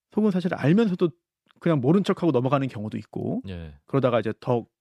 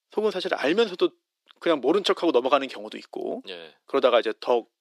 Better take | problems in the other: first | thin; very; fading below 350 Hz

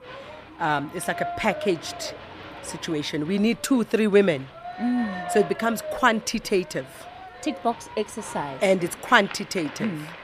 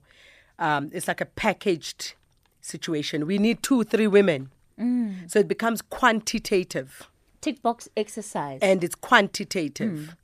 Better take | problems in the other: second | crowd noise; noticeable; throughout; 15 dB below the speech

